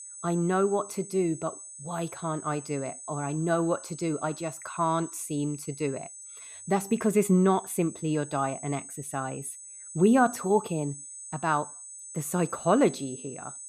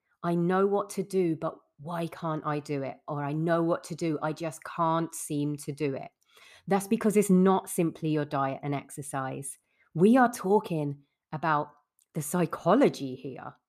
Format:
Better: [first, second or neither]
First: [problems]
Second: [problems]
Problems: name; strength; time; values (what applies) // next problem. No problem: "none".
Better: second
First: high-pitched whine; noticeable; throughout; 8 kHz, 15 dB below the speech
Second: none